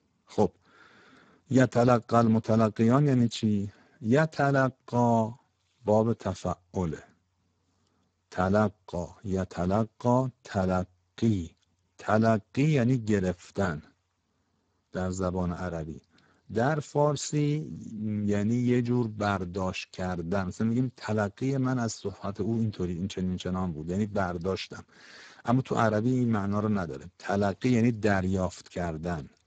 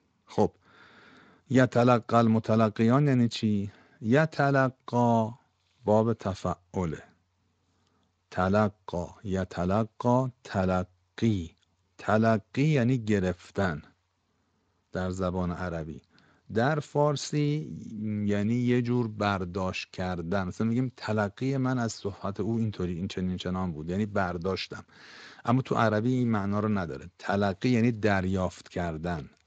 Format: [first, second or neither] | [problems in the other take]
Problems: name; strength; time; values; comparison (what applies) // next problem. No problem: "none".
second | garbled, watery; badly; nothing above 7.5 kHz; slightly in the second